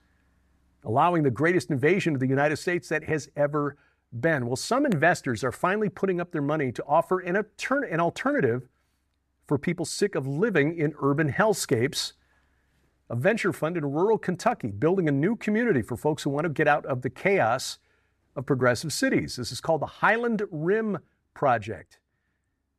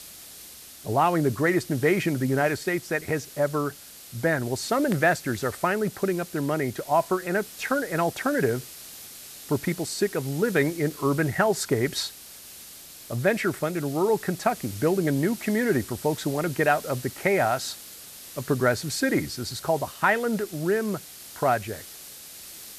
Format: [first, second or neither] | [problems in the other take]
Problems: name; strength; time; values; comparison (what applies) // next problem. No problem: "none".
first | hiss; noticeable; throughout; 15 dB below the speech